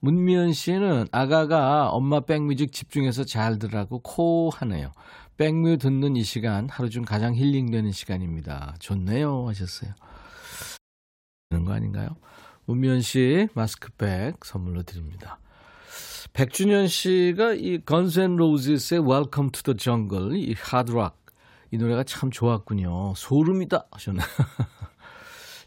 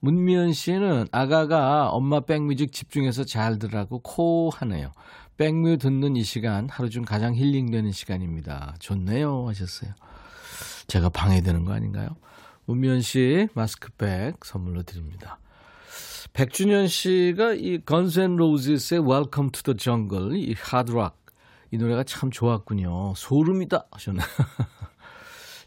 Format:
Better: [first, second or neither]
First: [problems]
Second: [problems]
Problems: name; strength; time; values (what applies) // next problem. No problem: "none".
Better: second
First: audio cutting out; at 11 s for 0.5 s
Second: none